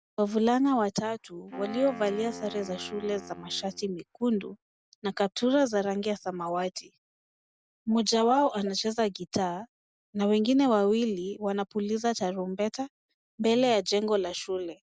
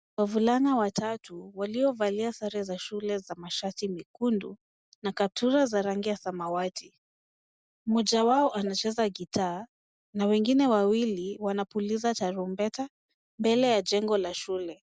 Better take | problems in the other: second | background sound (Wind instrument, woodwind instrument); 15 dB below the speech

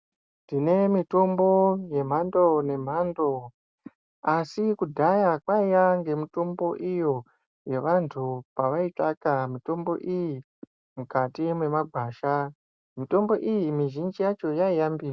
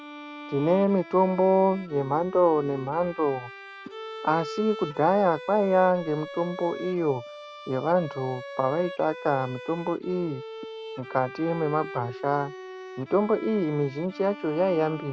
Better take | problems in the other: first | background sound (Bowed string instrument); 14 dB below the speech

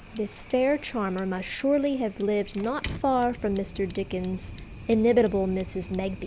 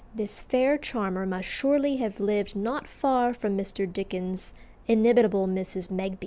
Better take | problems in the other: second | background sound (Fire); 15 dB below the speech

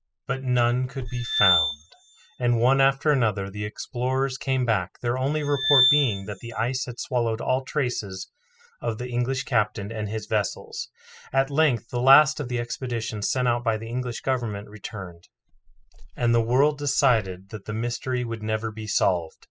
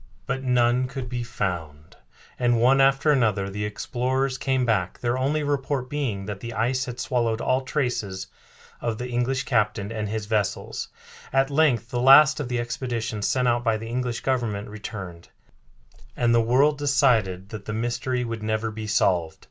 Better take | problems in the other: second | noise reduction (classical method spectral subtraction)

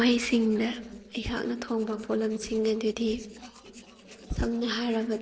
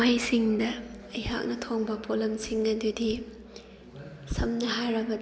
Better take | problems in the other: second | noise reduction (neural separator model SepFormer DNS4)

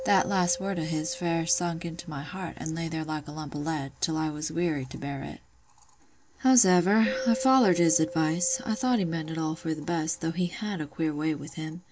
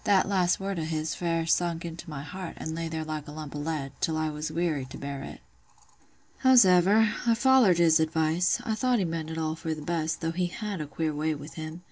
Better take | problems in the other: second | background sound (Keyboard (musical)); 15 dB below the speech

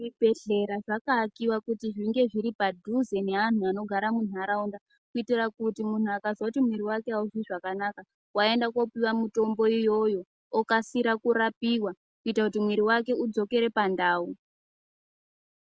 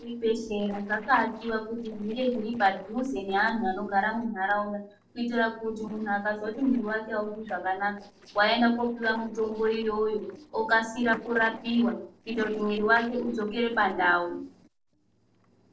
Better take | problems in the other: first | noise reduction (neural separator model SepFormer DNS4)

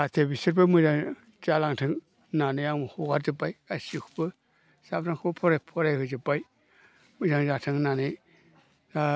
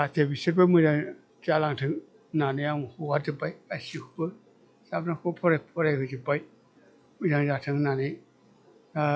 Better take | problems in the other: first | noise reduction (classical method log-MMSE)

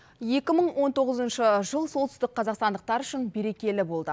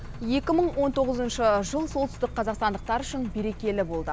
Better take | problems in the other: first | background sound (Engine); 11 dB below the speech

